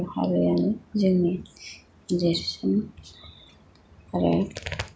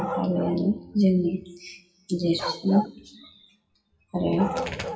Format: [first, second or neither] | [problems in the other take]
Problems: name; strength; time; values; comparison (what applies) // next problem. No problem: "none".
first | noise reduction (classical method WPE with log-MMSE)